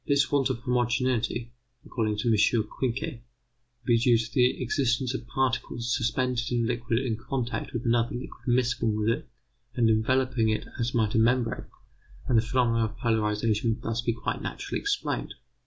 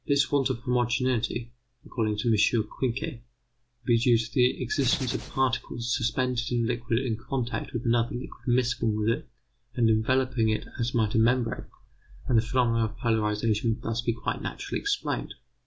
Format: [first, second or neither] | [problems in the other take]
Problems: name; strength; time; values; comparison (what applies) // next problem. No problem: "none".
first | background sound (Hands); 12 dB below the speech